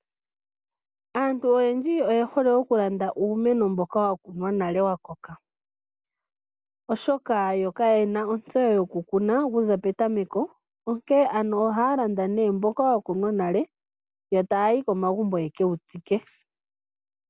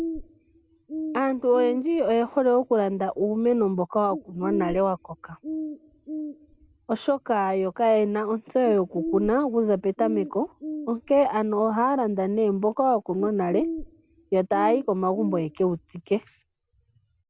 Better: first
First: none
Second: background sound (Bird); 12 dB below the speech

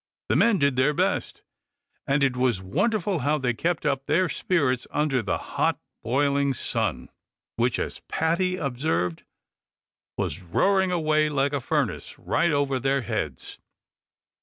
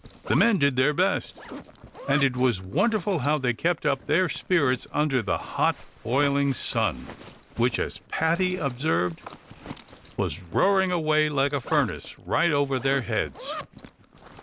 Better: first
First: none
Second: background sound (Zipper (clothing)); 17 dB below the speech

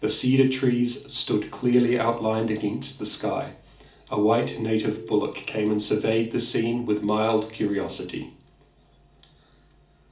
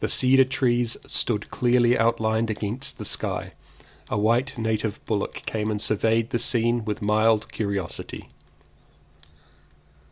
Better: second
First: background sound (Telephone); 13 dB below the speech // room echo; dies away in 0.4 s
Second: none

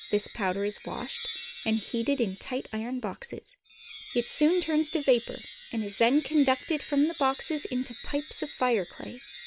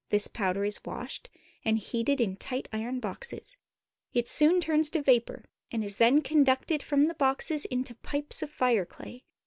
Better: second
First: background sound (Wind chime); 16 dB below the speech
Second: none

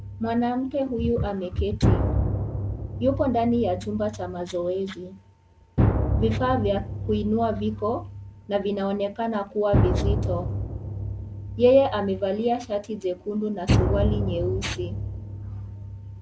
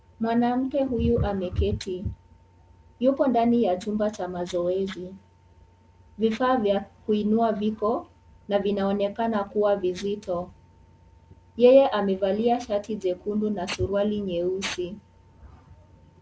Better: second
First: background sound (Drum); 2 dB below the speech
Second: none

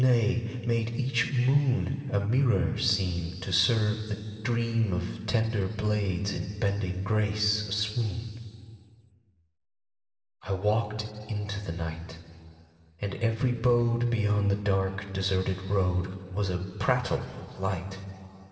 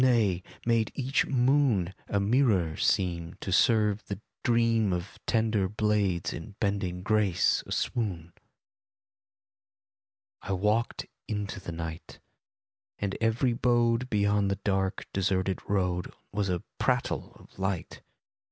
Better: second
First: room echo; dies away in 2.4 s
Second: none

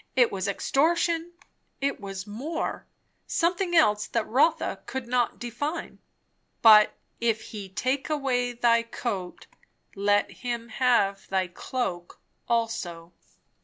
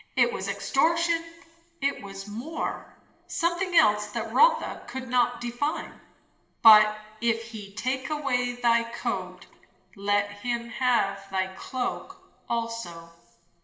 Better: first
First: none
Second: room echo; dies away in 1.5 s

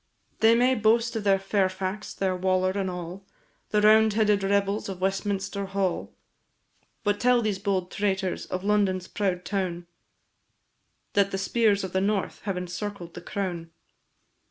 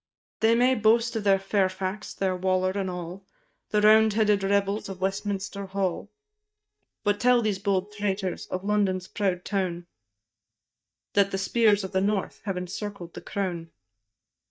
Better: first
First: none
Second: noise reduction (neural mask model DeepFilterNet 3)

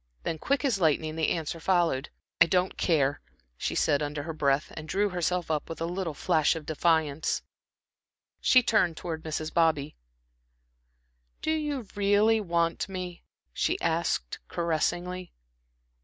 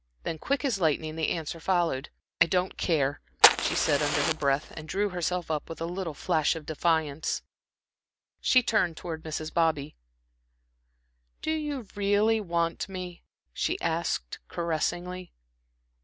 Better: first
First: none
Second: background sound (Fire); 3 dB above the speech

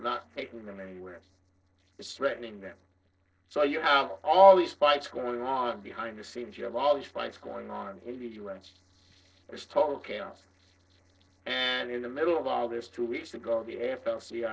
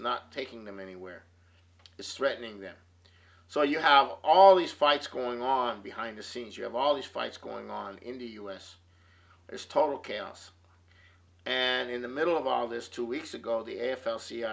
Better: second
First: noise reduction (neural separator model SepFormer DNS4)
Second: none

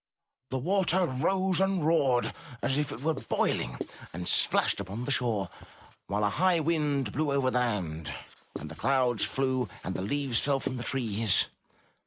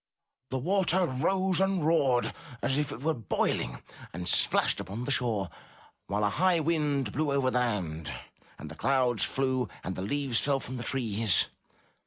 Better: second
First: noise reduction (neural mask model Resemble Enhance denoiser)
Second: none

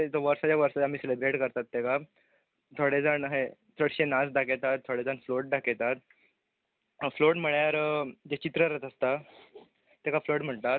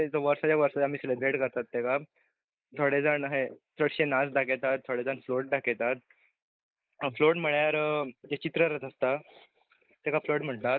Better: first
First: none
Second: noise reduction (neural mask model Resemble Enhance denoiser)

